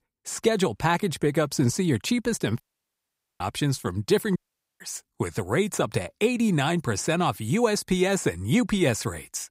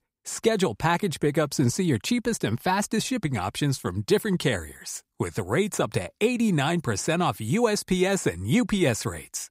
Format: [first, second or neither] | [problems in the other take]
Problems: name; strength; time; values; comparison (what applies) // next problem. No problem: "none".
second | audio cutting out; at 2.5 s for 1 s and at 4.5 s